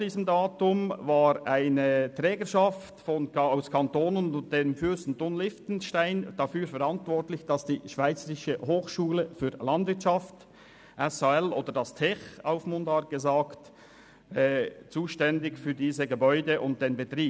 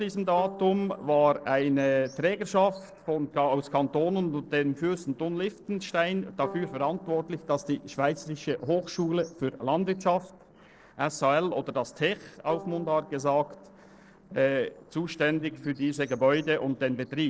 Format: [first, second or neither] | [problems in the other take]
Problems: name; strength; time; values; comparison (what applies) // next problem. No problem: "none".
first | noise reduction (neural separator model SepFormer DNS4)